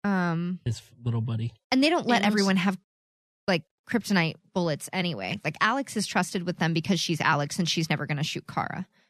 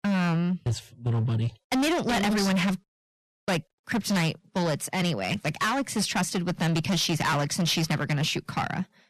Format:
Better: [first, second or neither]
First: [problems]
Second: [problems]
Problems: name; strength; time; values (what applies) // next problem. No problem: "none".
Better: first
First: none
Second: distortion; heavy; 20% of the sound clipped